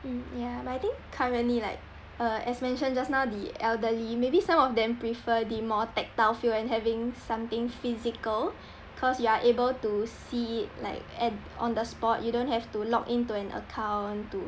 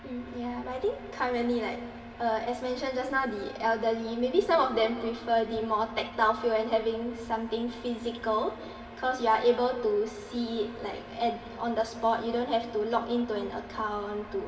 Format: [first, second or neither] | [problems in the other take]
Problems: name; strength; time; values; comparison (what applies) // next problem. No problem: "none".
first | background sound (Wind instrument, woodwind instrument); 20 dB below the speech // room echo; dies away in 2.7 s